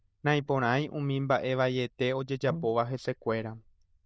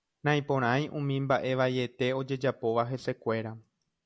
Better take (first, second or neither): second